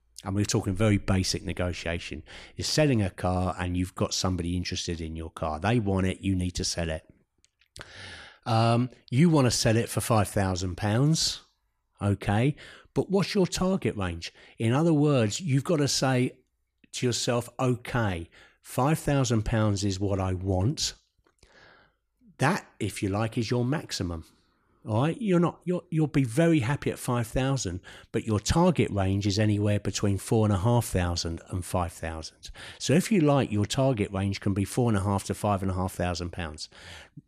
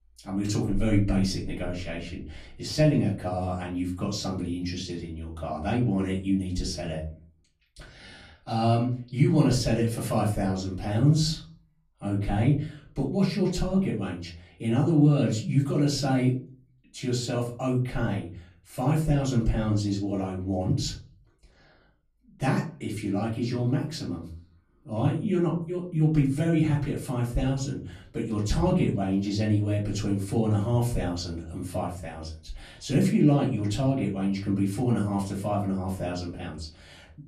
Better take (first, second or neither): first